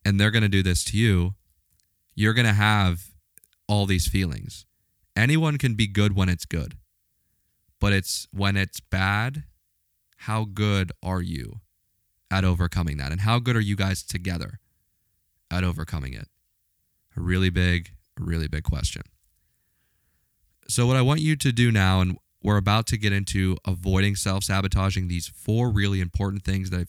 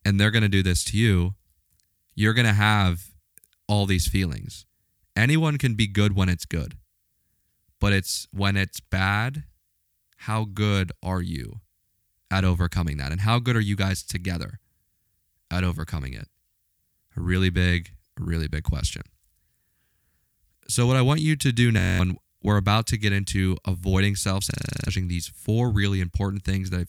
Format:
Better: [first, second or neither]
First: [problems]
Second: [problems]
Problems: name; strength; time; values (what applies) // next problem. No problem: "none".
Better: first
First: none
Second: audio freezing; at 22 s and at 25 s